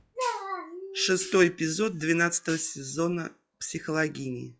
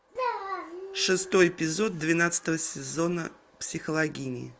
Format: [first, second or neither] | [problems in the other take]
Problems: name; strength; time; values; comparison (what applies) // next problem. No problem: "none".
second | noise reduction (classical method log-MMSE)